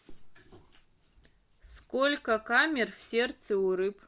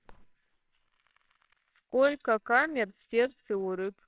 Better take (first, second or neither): first